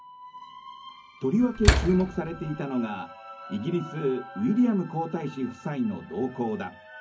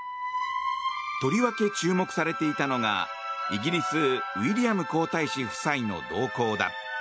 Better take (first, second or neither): second